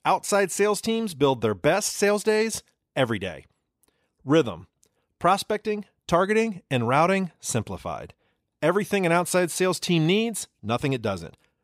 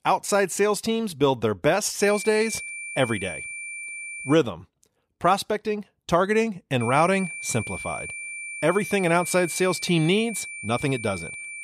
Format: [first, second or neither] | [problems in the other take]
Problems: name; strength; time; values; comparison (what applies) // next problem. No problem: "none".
first | high-pitched whine; loud; from 2 to 4.5 s and from 7 s on; 2.5 kHz, 9 dB below the speech